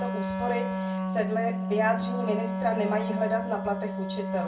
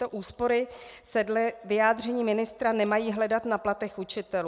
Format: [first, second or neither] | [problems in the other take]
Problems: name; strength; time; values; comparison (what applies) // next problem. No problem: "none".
second | background sound (Wind instrument, woodwind instrument); 1 dB below the speech // room echo; dies away in 0.3 s